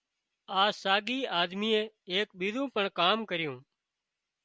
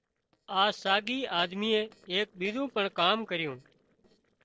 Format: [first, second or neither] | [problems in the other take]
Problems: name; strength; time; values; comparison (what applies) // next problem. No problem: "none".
first | noise reduction (neural separator model SepFormer DNS4)